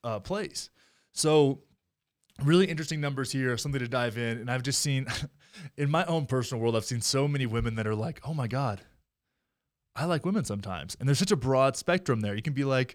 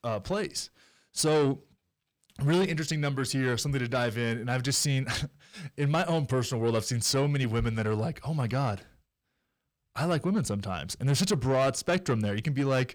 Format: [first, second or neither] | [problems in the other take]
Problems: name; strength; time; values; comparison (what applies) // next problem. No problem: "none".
first | distortion; slight; 10 dB below the speech